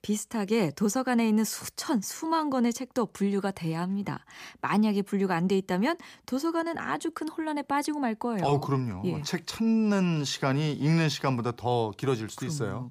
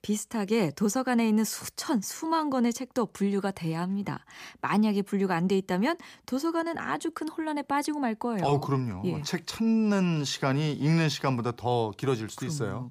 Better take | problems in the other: neither | none

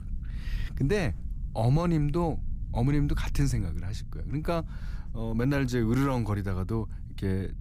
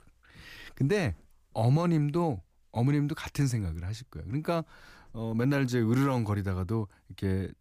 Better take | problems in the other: second | low rumble; faint; throughout; 20 dB below the speech

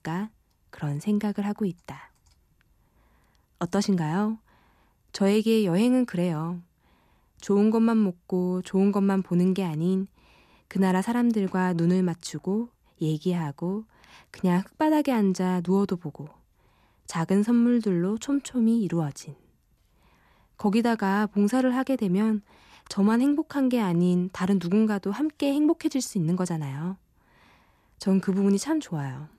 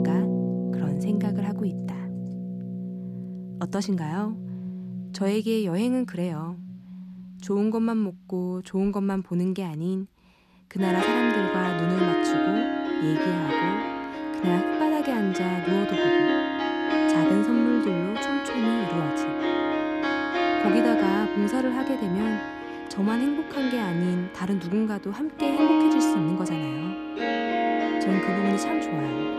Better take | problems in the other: first | background music; very loud; throughout; 1 dB above the speech

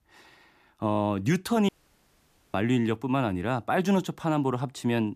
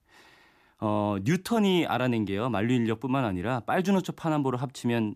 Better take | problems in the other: second | audio cutting out; at 1.5 s for 1 s

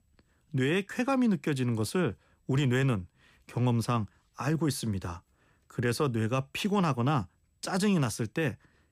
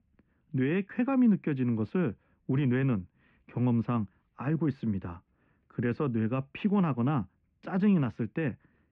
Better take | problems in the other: first | muffled; very; fading above 2.5 kHz

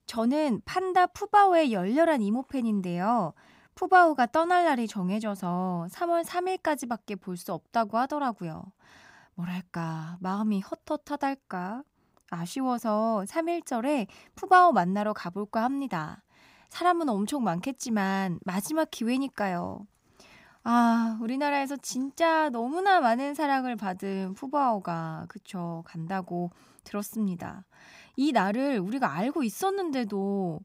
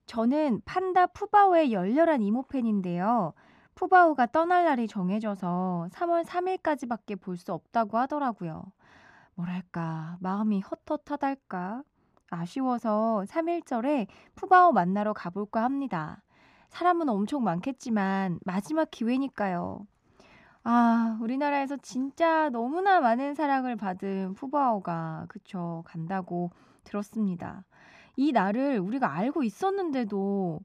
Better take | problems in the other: first | muffled; slightly; fading above 2 kHz

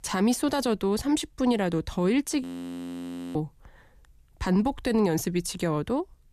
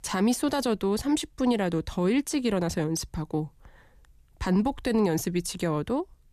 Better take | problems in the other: second | audio freezing; at 2.5 s for 1 s

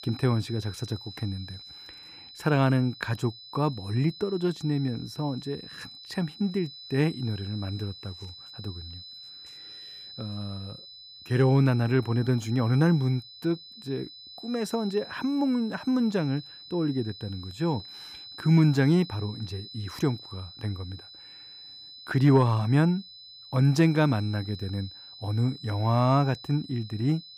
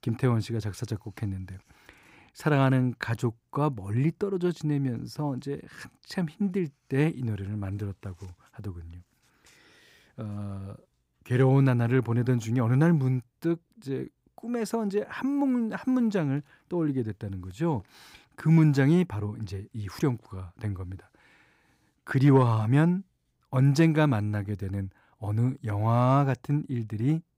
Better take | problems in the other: second | high-pitched whine; noticeable; throughout; 4 kHz, 15 dB below the speech

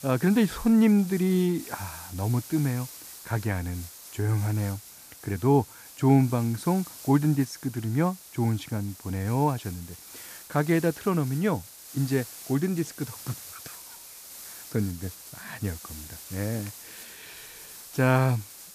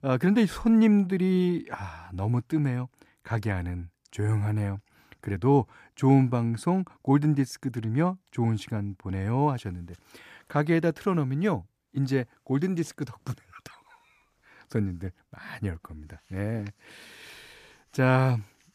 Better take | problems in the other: second | hiss; noticeable; throughout; 15 dB below the speech

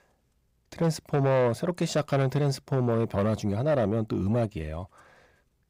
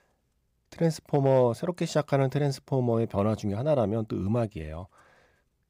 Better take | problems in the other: second | distortion; slight; 10 dB below the speech

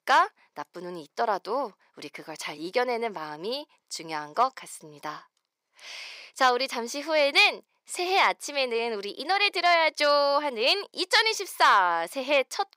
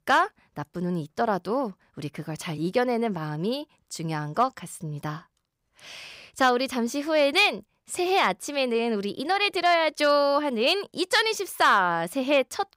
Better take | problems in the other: second | thin; somewhat; fading below 450 Hz

